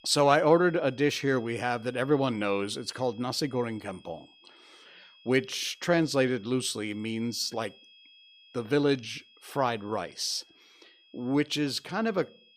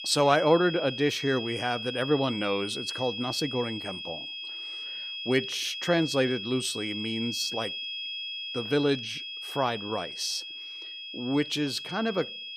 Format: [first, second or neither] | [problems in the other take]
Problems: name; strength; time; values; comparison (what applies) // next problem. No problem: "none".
first | high-pitched whine; loud; throughout; 3.5 kHz, 6 dB below the speech; faint in the first